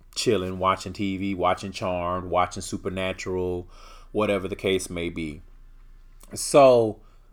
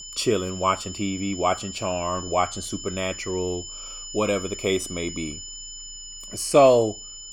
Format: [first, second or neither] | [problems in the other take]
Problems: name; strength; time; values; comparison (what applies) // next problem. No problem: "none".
first | high-pitched whine; noticeable; throughout; 7 kHz, 10 dB below the speech